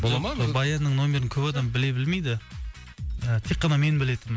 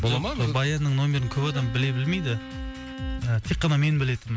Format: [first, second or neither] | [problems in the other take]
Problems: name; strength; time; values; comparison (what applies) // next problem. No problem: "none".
first | background sound (Bowed string instrument); 15 dB below the speech